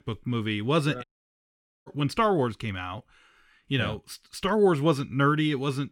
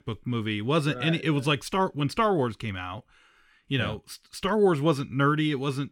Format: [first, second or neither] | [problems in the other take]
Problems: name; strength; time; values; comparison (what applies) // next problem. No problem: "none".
second | audio cutting out; at 1 s for 1 s